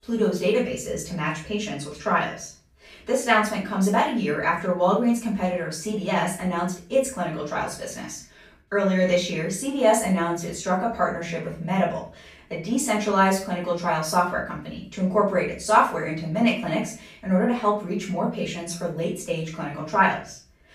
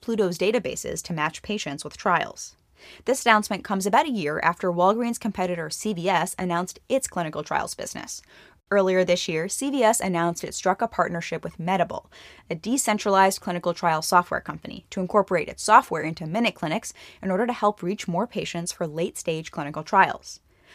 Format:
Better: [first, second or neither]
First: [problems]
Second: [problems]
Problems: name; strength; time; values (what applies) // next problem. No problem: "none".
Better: second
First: off-mic speech; far // room echo; slight; dies away in 0.4 s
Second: none